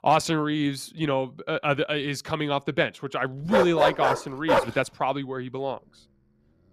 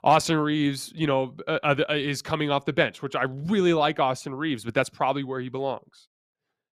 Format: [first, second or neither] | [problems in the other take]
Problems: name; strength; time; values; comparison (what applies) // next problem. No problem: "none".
second | dog barking; loud; from 3.5 to 4.5 s; peak 5 dB above the speech